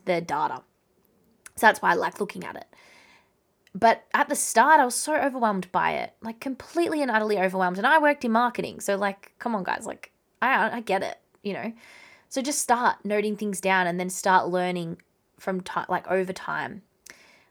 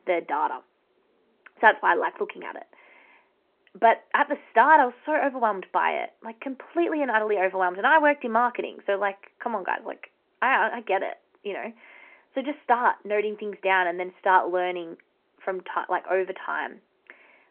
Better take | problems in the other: first | phone-call audio

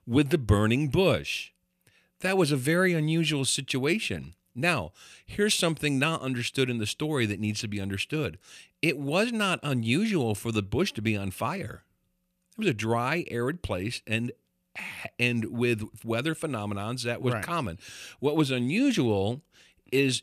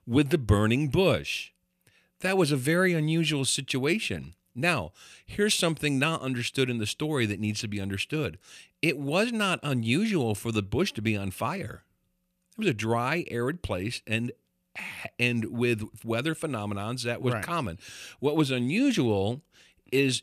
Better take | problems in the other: neither | none

